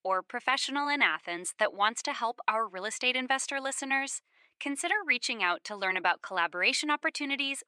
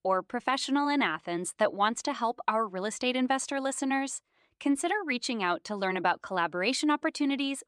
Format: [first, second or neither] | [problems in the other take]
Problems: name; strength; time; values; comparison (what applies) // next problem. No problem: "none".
second | thin; somewhat; fading below 800 Hz